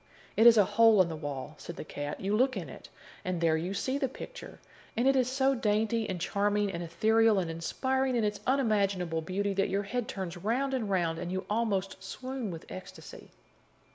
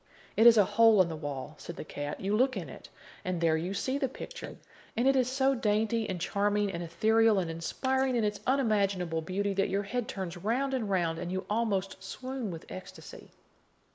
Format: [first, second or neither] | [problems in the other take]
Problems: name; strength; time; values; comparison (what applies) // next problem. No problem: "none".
first | noise reduction (neural mask model Resemble Enhance denoiser)